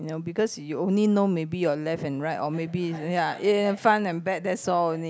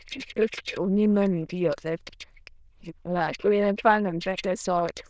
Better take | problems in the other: first | noise reduction (neural diffusion model UNIVERSE++)

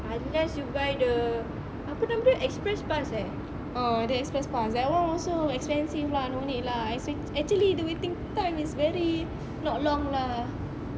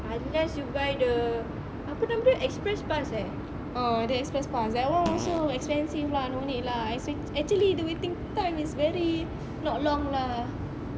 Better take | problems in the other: first | background sound (Fart); 9 dB below the speech

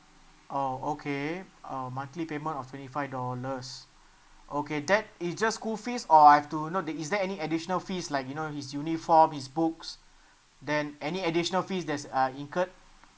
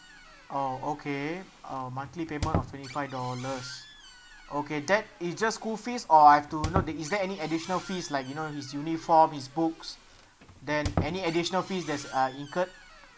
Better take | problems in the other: first | background sound (Squeak); 11 dB below the speech

